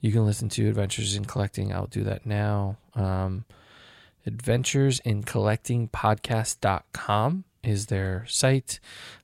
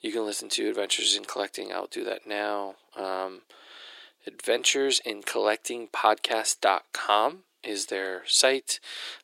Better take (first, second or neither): first